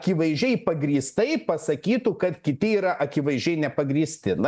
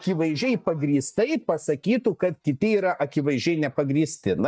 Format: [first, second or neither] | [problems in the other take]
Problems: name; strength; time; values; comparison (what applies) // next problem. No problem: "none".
first | noise reduction (neural mask model DeepFilterNet 3)